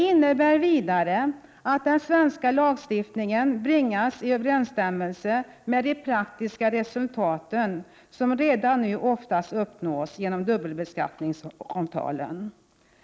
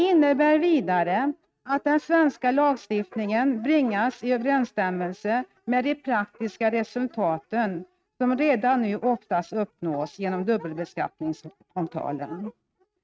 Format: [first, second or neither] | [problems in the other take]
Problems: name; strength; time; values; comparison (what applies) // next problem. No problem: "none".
first | noise reduction (neural mask model RNNoise)